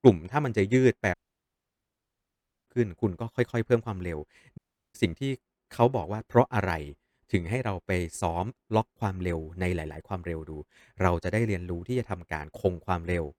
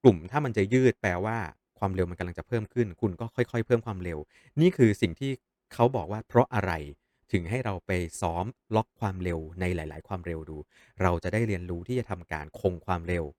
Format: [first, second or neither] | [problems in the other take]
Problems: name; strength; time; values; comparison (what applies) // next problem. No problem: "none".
second | audio cutting out; at 1 s for 1.5 s and at 4.5 s